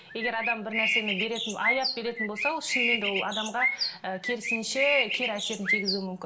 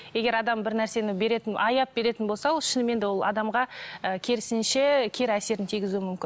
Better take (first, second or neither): second